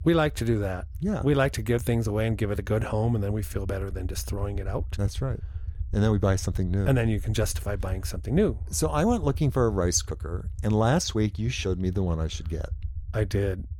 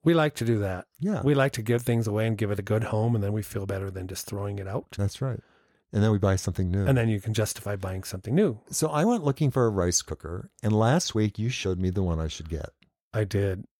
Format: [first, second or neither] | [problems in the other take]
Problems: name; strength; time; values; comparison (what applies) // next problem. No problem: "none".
second | low rumble; faint; throughout; 25 dB below the speech